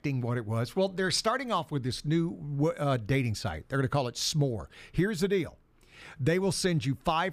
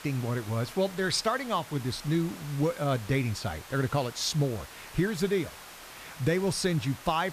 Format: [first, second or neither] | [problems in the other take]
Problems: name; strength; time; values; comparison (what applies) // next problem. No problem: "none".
first | hiss; noticeable; throughout; 15 dB below the speech